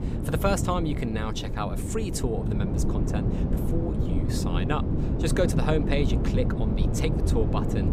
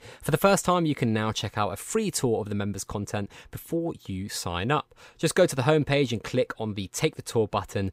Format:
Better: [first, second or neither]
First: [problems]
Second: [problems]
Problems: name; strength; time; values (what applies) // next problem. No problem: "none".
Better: second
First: wind noise on the microphone; heavy; 4 dB below the speech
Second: none